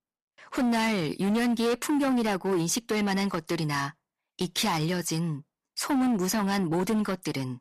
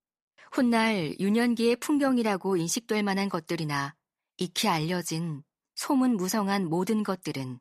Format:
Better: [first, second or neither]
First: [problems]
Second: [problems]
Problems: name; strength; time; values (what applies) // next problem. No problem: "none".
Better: second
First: distortion; slight; 17% of the sound clipped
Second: none